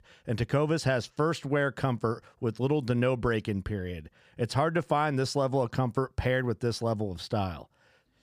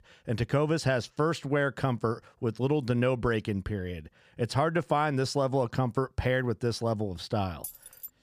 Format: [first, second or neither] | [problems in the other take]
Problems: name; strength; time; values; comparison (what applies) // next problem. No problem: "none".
first | jangling keys; faint; at 7.5 s; peak 10 dB below the speech